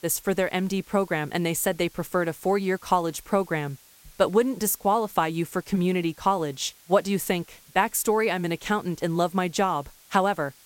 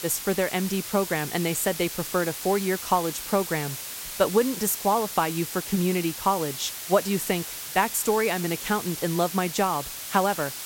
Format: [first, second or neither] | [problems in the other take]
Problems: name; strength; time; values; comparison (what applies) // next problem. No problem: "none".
first | hiss; loud; throughout; 7 dB below the speech; faint in the first